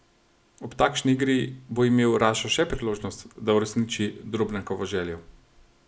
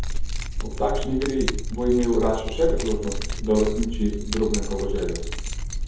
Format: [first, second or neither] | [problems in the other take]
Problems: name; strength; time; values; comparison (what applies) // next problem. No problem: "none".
first | background sound (Keys jangling); 1 dB below the speech // room echo; dies away in 0.7 s